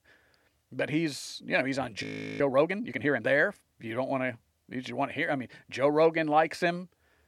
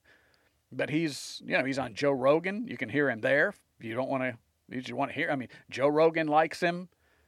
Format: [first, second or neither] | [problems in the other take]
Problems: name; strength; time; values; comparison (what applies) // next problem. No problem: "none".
second | audio freezing; at 2 s